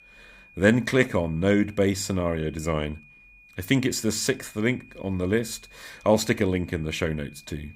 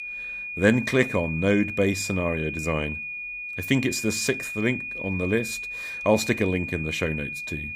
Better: first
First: high-pitched whine; faint; throughout; 2.5 kHz, 25 dB below the speech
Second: high-pitched whine; loud; throughout; 2.5 kHz, 6 dB below the speech

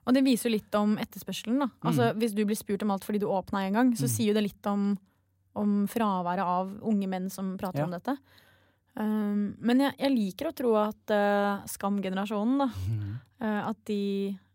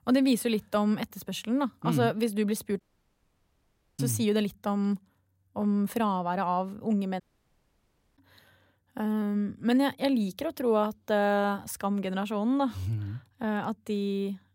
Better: first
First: none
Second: audio cutting out; at 3 s for 1 s and at 7 s for 1 s

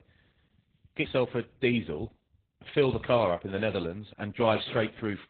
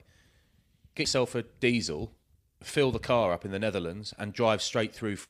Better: second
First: garbled, watery; badly; nothing above 4 kHz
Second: none

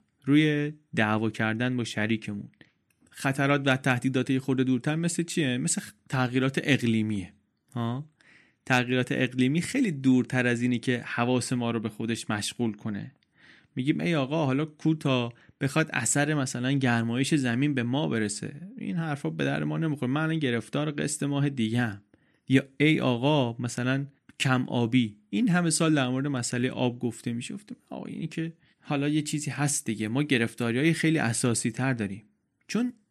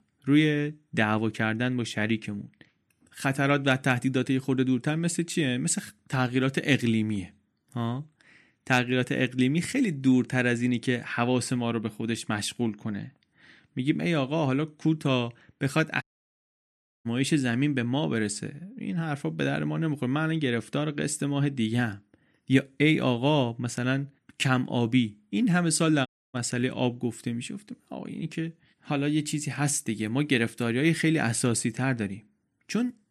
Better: first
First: none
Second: audio cutting out; at 16 s for 1 s and at 26 s

